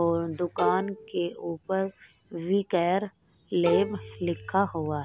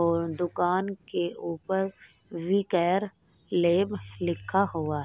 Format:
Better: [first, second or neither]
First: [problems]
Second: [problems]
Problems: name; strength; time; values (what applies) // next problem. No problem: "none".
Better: second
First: background sound (Bowed string instrument); 6 dB below the speech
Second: none